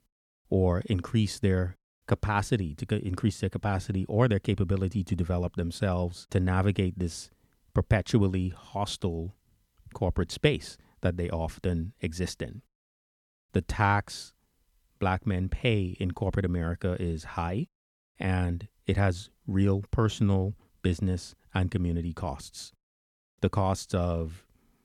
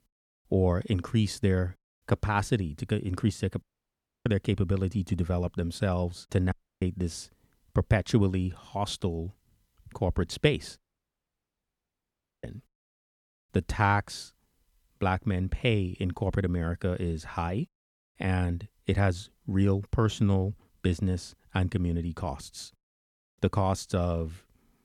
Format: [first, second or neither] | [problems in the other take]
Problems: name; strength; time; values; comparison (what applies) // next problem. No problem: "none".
first | audio cutting out; at 3.5 s for 0.5 s, at 6.5 s and at 11 s for 1.5 s